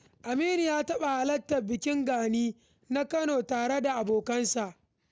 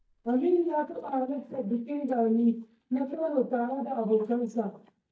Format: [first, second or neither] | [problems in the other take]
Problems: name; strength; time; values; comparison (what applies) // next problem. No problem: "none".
first | noise reduction (neural mask model DeepFilterNet 3)